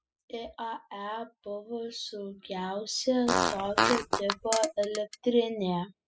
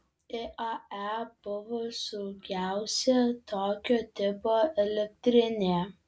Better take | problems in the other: second | noise reduction (classical method spectral subtraction)

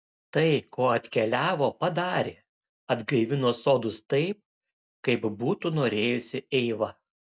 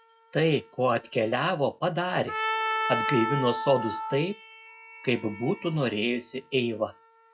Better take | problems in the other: first | noise reduction (classical method log-MMSE)

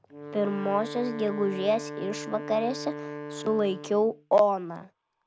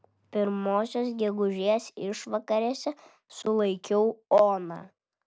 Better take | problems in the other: second | background sound (Wind instrument, woodwind instrument); 11 dB below the speech

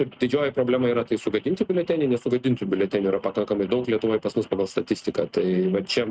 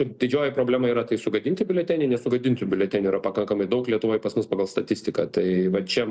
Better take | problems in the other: second | noise reduction (neural mask model RNNoise)

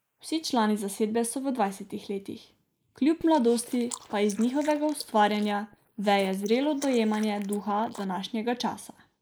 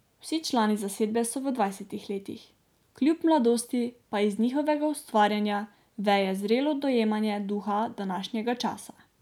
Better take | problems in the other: second | noise reduction (neural mask model Resemble Enhance denoiser)

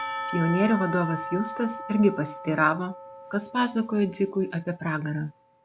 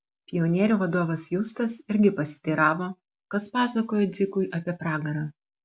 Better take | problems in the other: second | background sound (Church bell / Percussion); 10 dB below the speech

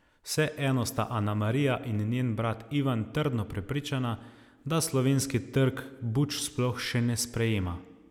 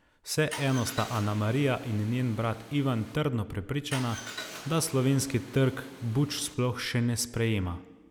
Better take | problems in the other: first | background sound (Car); 14 dB below the speech

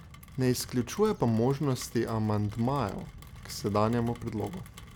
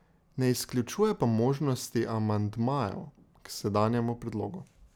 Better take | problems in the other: second | background sound (Rain); 17 dB below the speech

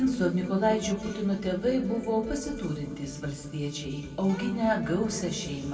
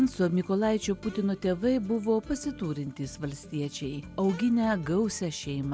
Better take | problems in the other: second | room echo; dies away in 1.9 s

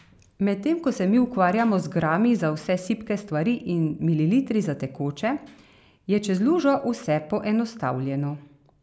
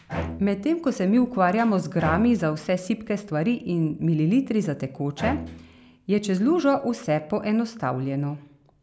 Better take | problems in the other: first | background sound (Bowed string instrument); 13 dB below the speech

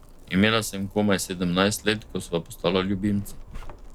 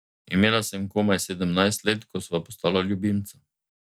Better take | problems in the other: second | background sound (Zipper (clothing)); 16 dB below the speech

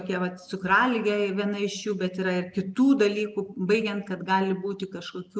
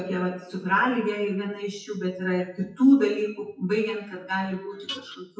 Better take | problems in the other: first | noise reduction (classical method WPE with log-MMSE)

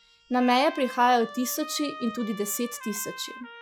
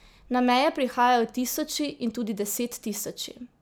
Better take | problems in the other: second | noise reduction (classical method log-MMSE)

